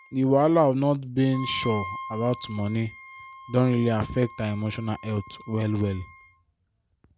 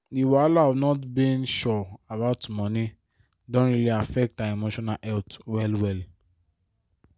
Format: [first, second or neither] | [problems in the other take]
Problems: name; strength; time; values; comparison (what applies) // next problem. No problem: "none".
second | background sound (Wind instrument, woodwind instrument); 16 dB below the speech